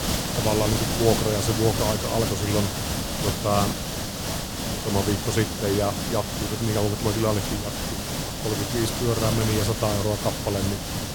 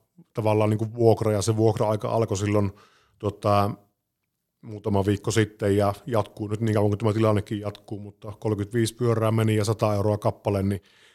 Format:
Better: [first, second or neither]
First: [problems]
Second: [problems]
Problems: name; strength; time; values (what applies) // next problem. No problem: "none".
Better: second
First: hiss; loud; throughout; 1 dB below the speech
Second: none